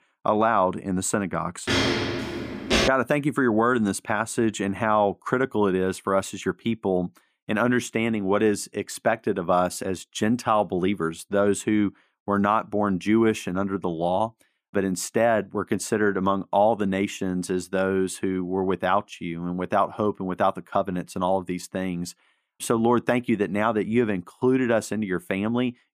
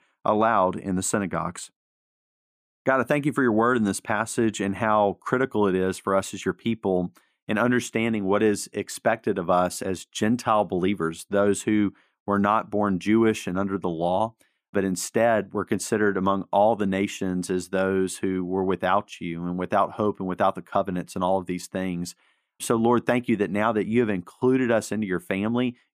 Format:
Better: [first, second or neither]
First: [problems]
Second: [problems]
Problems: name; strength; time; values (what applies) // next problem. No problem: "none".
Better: second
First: footsteps; loud; from 1.5 to 3 s; peak 2 dB above the speech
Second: none